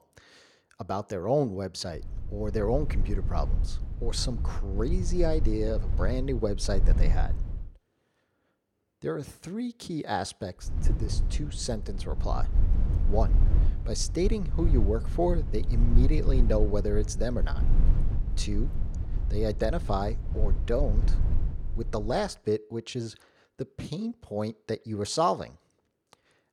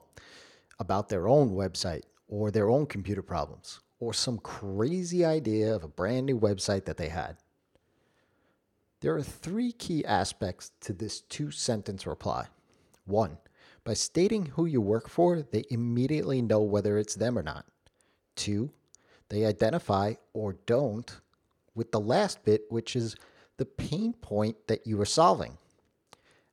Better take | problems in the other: second | low rumble; noticeable; from 2 to 7.5 s and from 11 to 22 s; 15 dB below the speech

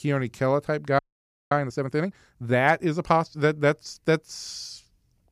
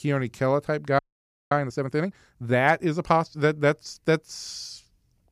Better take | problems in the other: neither | audio freezing; at 1 s for 0.5 s; the same in both

